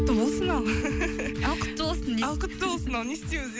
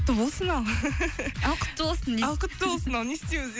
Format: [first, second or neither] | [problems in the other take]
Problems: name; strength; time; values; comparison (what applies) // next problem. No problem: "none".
second | background sound (Mallet percussion); 5 dB below the speech